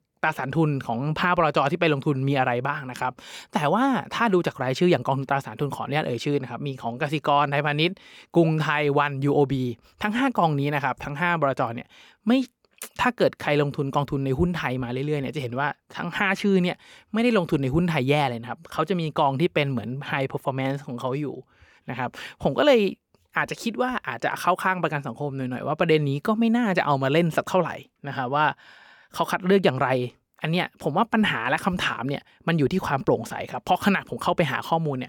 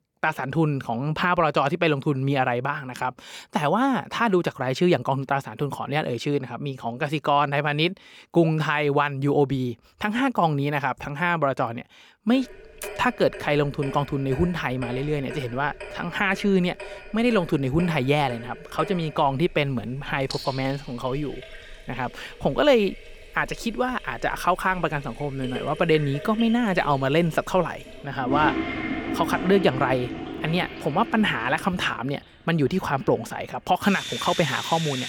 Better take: first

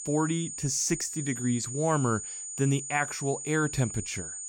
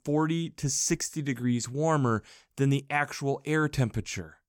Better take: second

